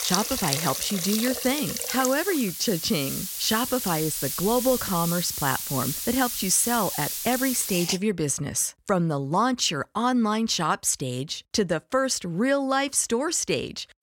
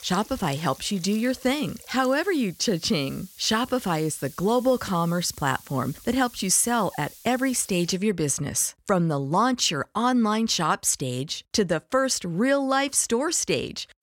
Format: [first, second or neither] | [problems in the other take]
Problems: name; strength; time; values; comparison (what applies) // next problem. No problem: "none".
second | hiss; loud; until 8 s; 3 dB below the speech; faint in the second